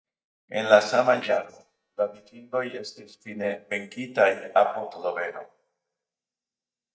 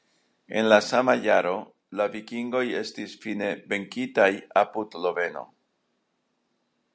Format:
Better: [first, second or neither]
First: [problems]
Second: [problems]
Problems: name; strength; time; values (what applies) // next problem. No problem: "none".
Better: second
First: noise reduction (neural mask model DeepFilterNet 3)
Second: none